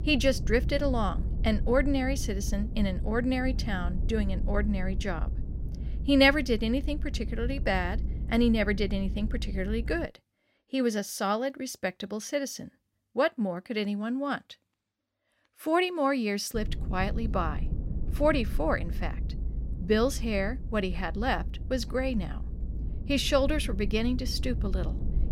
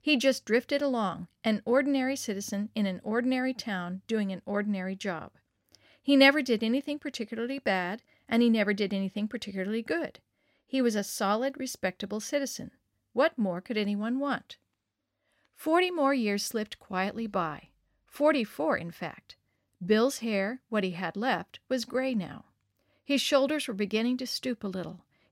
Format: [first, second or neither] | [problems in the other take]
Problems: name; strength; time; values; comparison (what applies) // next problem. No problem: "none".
second | low rumble; noticeable; until 10 s and from 17 s on; 20 dB below the speech